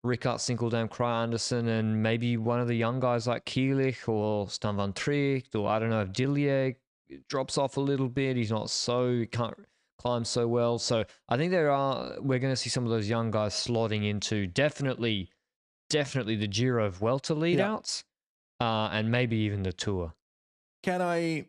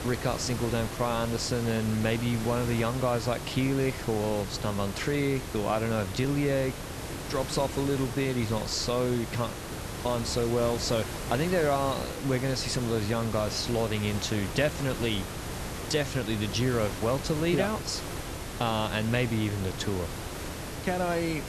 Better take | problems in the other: first | hiss; loud; throughout; 7 dB below the speech

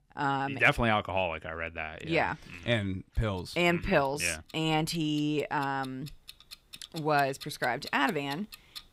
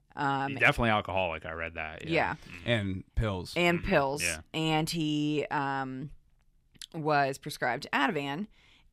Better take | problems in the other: second | household noises; noticeable; throughout; 20 dB below the speech

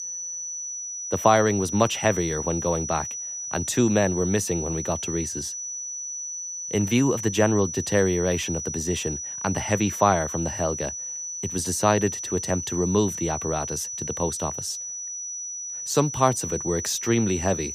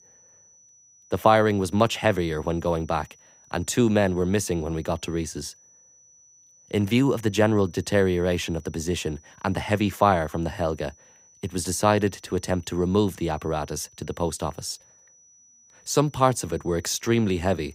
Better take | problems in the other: second | high-pitched whine; loud; throughout; 6 kHz, 5 dB below the speech; faint in the second

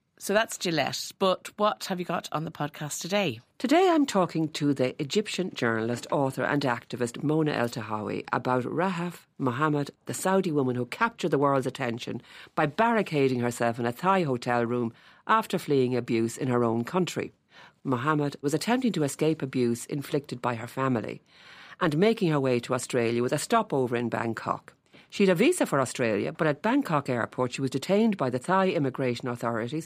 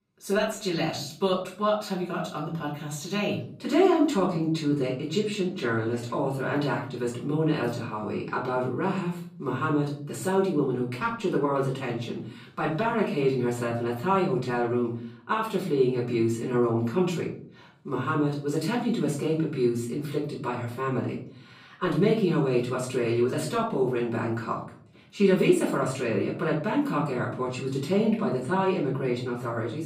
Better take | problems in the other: first | room echo; slight; dies away in 0.5 s // off-mic speech; far

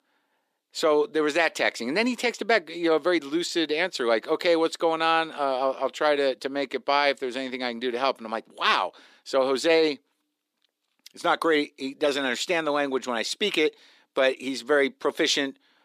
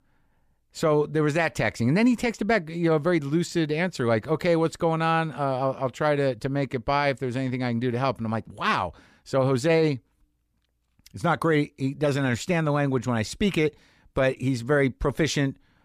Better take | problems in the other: second | thin; somewhat; fading below 300 Hz

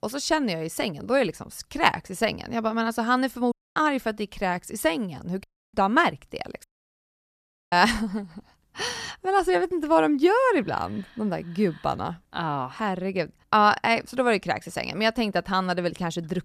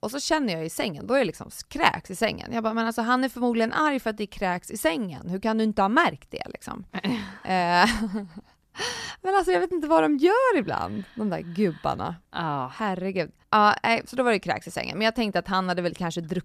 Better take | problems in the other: second | audio cutting out; at 3.5 s, at 5.5 s and at 6.5 s for 1 s

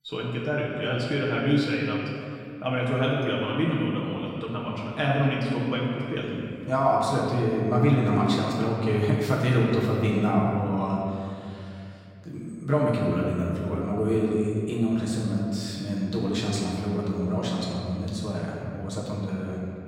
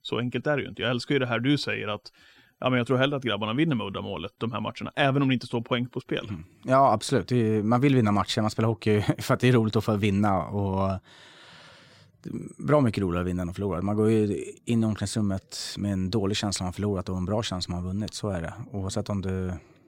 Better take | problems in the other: second | room echo; noticeable; dies away in 2.3 s // off-mic speech; far

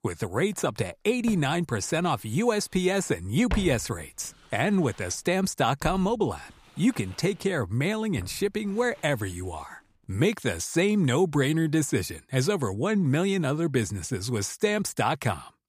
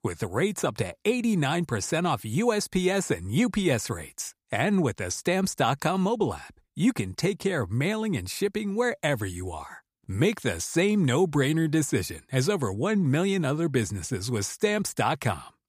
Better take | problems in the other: second | footsteps; noticeable; from 1.5 to 8.5 s; peak 7 dB below the speech

